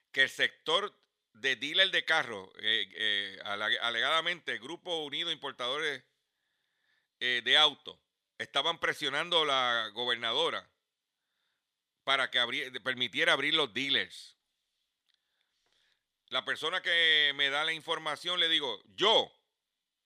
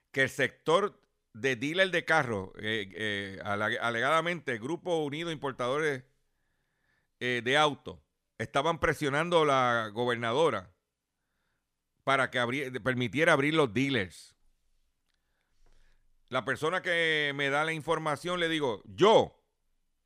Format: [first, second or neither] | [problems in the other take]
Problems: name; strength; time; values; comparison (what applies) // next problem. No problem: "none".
second | thin; somewhat; fading below 550 Hz